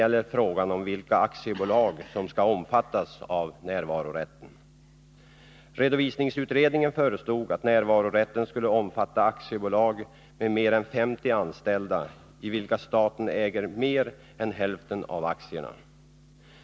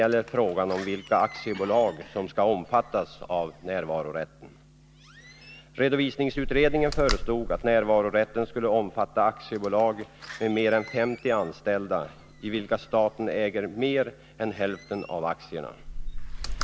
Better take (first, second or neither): first